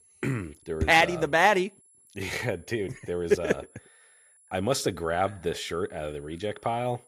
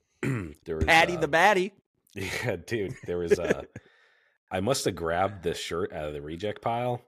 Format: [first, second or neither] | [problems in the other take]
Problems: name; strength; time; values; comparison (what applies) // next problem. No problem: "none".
second | high-pitched whine; faint; throughout; 10.5 kHz, 30 dB below the speech